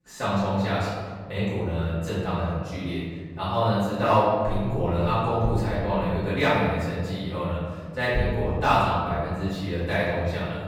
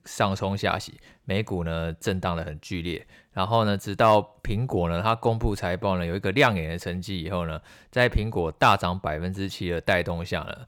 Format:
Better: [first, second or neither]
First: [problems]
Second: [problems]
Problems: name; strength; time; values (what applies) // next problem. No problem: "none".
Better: second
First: off-mic speech; far // room echo; strong; dies away in 1.9 s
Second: none